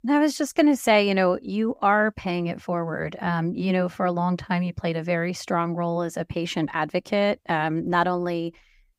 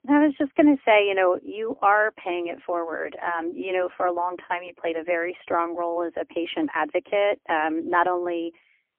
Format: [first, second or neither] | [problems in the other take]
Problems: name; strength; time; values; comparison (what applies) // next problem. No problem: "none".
first | phone-call audio; poor line; nothing above 3 kHz